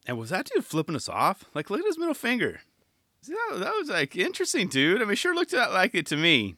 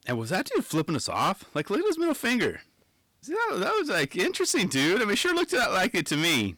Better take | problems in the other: first | distortion; heavy; 13% of the sound clipped

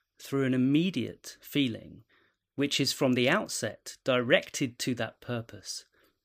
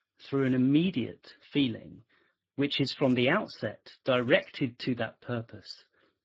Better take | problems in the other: first | garbled, watery; badly; nothing above 7.5 kHz

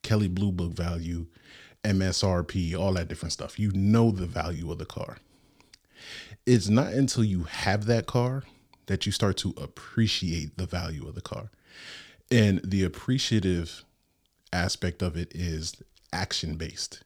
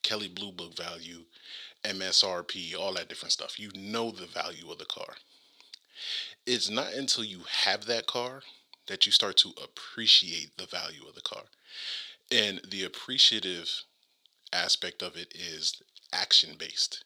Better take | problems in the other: first | thin; very; fading below 450 Hz

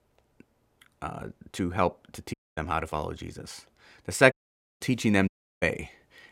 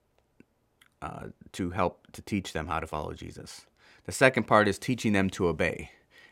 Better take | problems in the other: second | audio cutting out; at 2.5 s, at 4.5 s and at 5.5 s

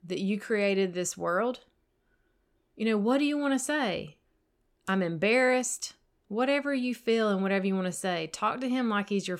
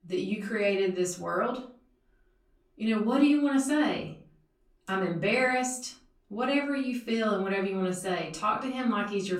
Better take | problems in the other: first | room echo; slight; dies away in 0.4 s // off-mic speech; far

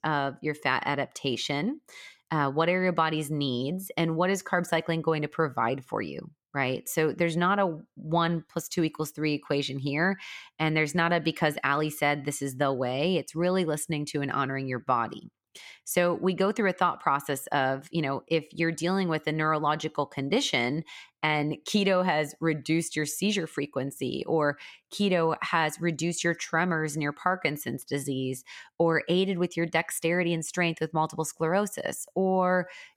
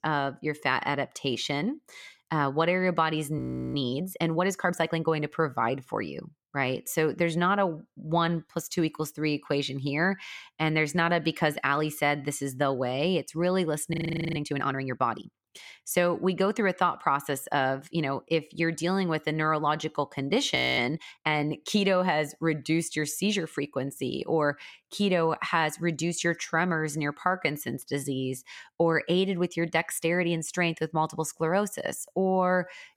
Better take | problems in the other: first | audio freezing; at 3.5 s, at 14 s and at 21 s

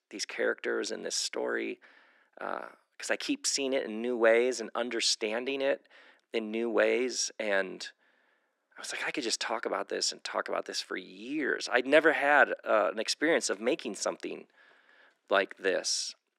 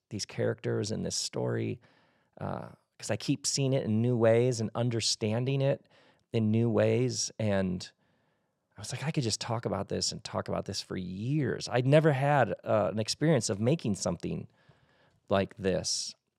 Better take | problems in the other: second | thin; somewhat; fading below 250 Hz

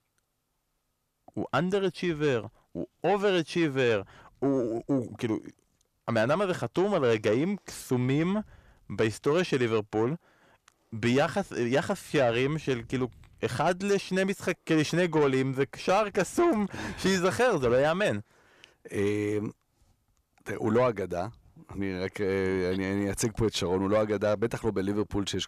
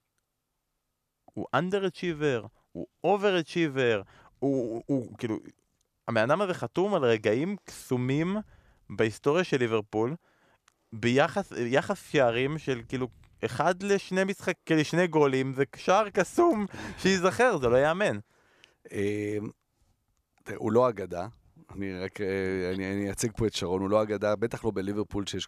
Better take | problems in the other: second | distortion; slight; 10 dB below the speech

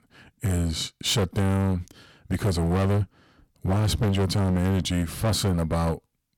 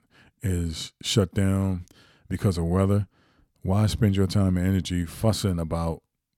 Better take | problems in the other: second | distortion; heavy; 19% of the sound clipped

